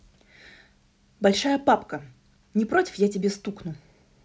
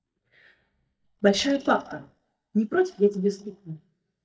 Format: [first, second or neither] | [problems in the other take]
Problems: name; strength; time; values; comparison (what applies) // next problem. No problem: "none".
first | noise reduction (neural mask model DeepFilterNet 3)